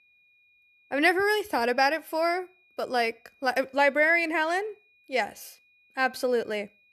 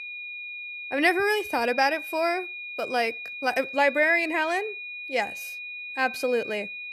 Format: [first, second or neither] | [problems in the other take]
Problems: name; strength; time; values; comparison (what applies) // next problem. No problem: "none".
first | high-pitched whine; loud; throughout; 2.5 kHz, 9 dB below the speech; faint in the first